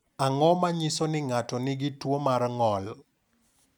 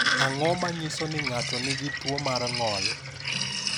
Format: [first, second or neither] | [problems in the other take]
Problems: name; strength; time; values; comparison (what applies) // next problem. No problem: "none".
first | background sound (Sink (filling or washing)); 1 dB above the speech